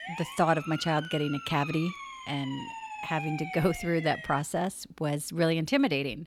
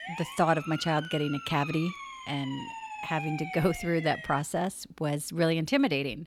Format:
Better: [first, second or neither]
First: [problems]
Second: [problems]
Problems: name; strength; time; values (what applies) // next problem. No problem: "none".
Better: neither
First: siren; noticeable; until 4.5 s; peak 7 dB below the speech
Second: siren; noticeable; until 4.5 s; peak 7 dB below the speech